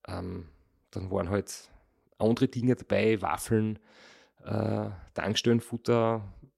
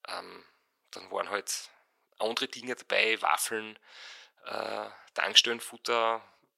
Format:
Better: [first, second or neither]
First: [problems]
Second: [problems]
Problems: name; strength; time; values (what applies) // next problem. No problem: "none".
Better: first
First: none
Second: thin; very; fading below 900 Hz